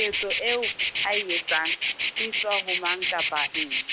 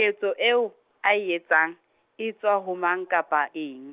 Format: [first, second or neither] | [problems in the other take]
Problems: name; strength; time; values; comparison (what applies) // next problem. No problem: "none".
second | noise reduction (neural mask model Resemble Enhance denoiser)